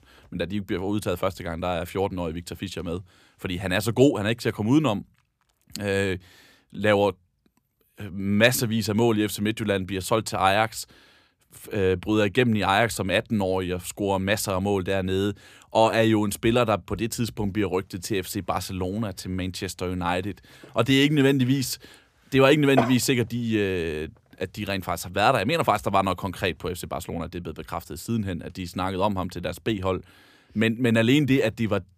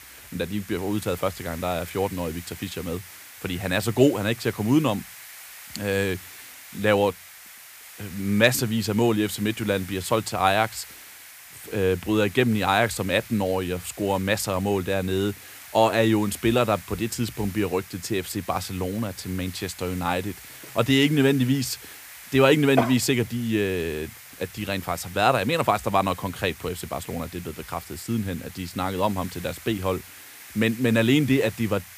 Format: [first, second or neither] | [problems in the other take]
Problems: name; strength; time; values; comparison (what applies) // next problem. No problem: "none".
first | hiss; noticeable; throughout; 15 dB below the speech